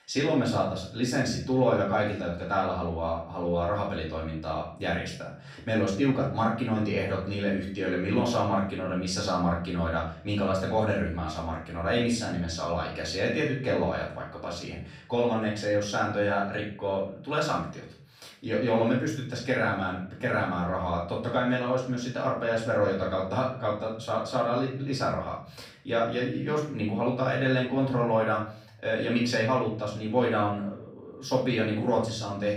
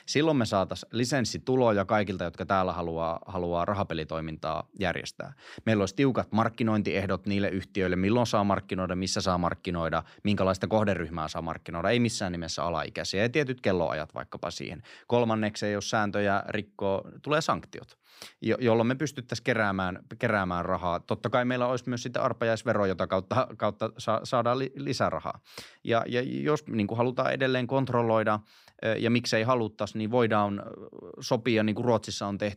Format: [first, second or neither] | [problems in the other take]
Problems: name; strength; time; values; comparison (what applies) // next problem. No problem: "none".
second | room echo; noticeable; dies away in 0.5 s // off-mic speech; far